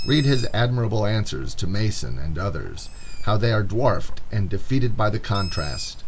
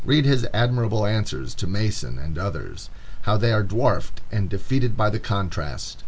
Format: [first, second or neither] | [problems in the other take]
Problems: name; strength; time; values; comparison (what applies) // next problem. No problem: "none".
second | background sound (Bird); 18 dB below the speech